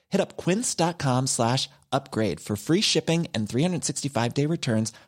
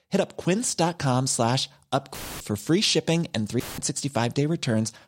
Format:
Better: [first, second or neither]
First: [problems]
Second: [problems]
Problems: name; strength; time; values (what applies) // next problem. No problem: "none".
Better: first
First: none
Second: audio cutting out; filled with static; at 2 s and at 3.5 s